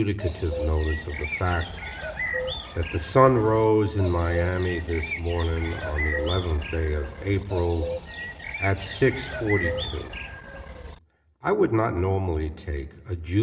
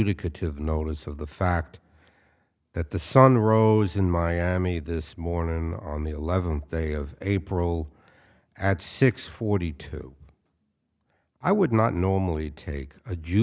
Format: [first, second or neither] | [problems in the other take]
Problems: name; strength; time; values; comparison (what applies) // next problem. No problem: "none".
second | background sound (Bird); 8 dB below the speech // room echo; dies away in 2.2 s